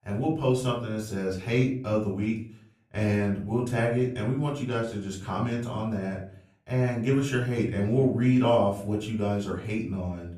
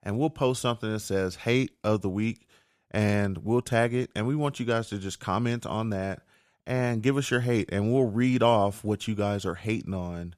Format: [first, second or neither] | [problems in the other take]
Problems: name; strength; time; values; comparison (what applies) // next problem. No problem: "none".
second | off-mic speech; far // room echo; slight; dies away in 0.4 s